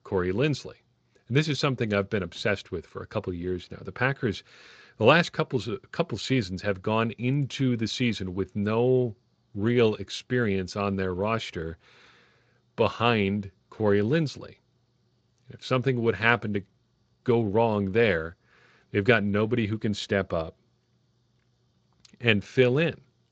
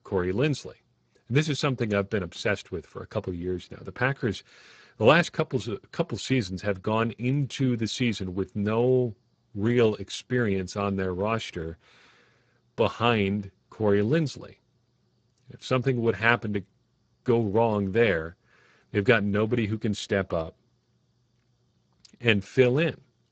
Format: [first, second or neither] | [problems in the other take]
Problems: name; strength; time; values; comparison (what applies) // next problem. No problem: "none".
first | garbled, watery; badly; nothing above 7.5 kHz; slightly in the first